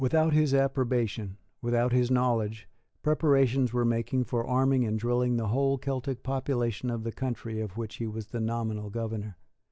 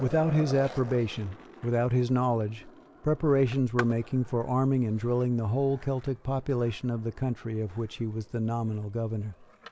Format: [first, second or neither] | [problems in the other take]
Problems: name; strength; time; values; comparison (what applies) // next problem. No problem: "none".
first | background sound (Skateboard); 18 dB below the speech